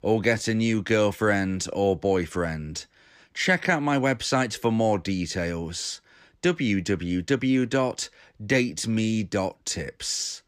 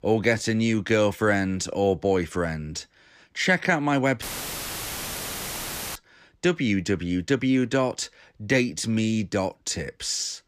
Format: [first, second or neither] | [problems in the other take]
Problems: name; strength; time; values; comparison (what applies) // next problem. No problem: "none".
first | audio cutting out; filled with static; at 4 s for 1.5 s